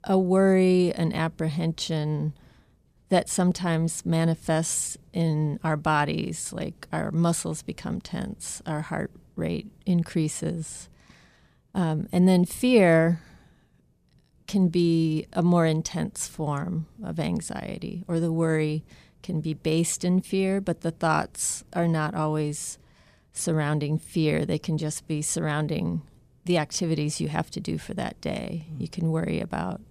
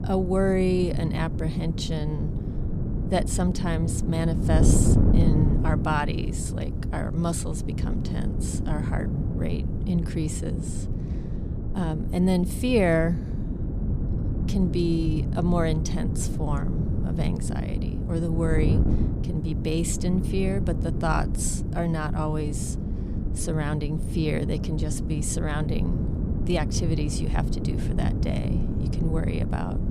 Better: first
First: none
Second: wind noise on the microphone; heavy; 6 dB below the speech

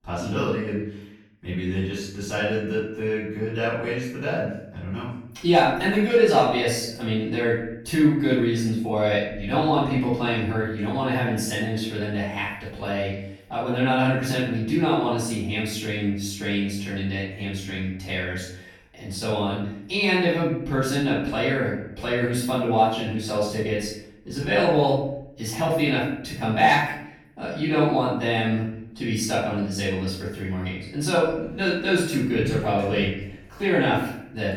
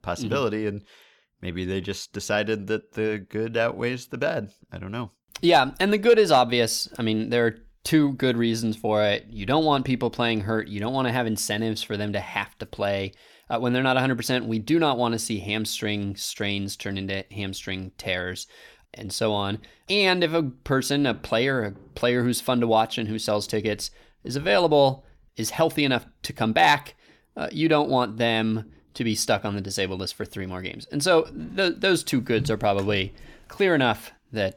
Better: second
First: off-mic speech; far // room echo; noticeable; dies away in 0.7 s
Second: none

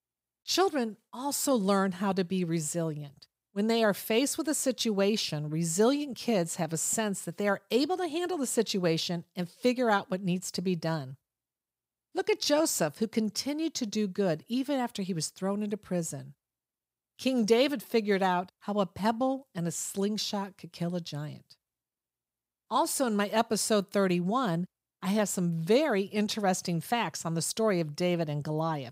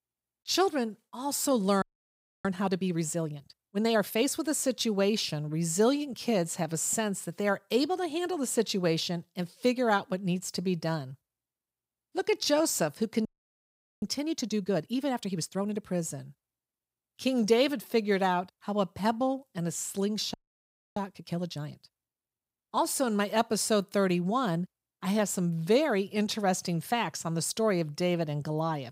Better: first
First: none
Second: audio freezing; at 2 s for 0.5 s, at 13 s for 1 s and at 20 s for 0.5 s

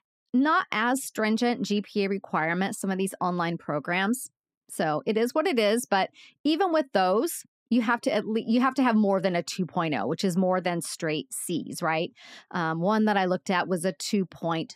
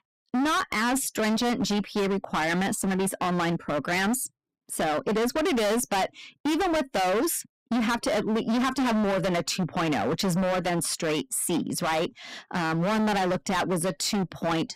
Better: first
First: none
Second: distortion; heavy; 29% of the sound clipped

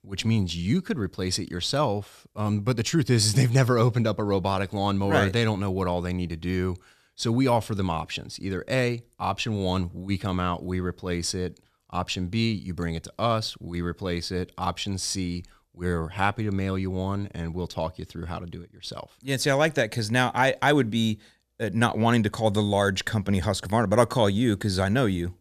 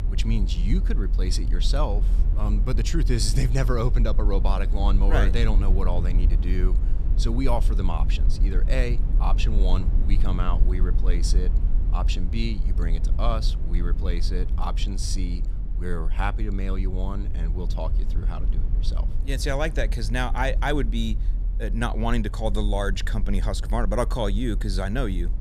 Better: first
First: none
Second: low rumble; noticeable; throughout; 15 dB below the speech

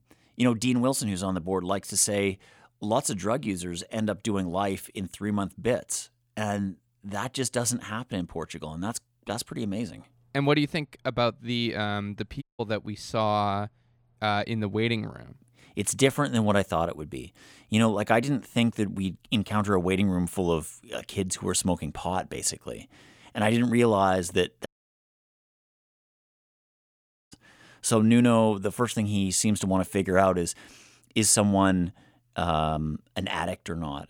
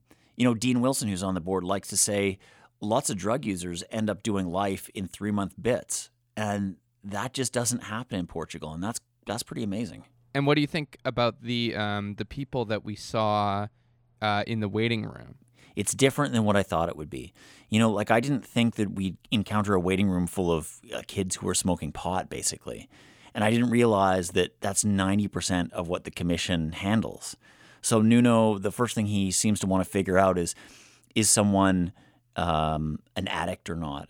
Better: second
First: audio cutting out; at 12 s and at 25 s for 2.5 s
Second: none

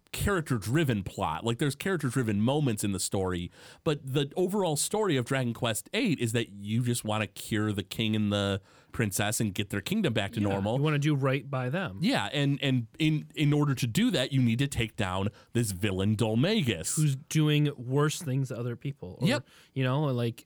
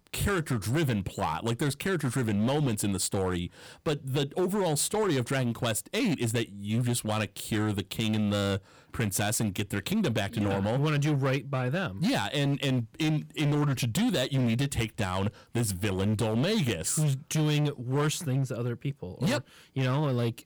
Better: first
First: none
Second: distortion; slight; 13% of the sound clipped

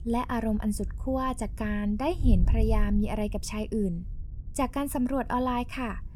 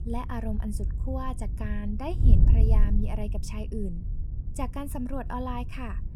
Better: first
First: wind noise on the microphone; occasional gusts; 20 dB below the speech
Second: wind noise on the microphone; heavy; 8 dB below the speech

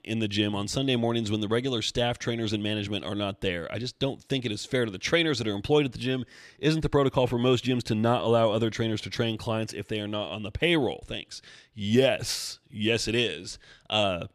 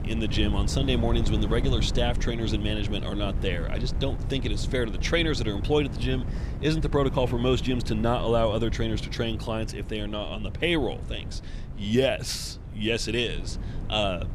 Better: first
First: none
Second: wind noise on the microphone; occasional gusts; 15 dB below the speech

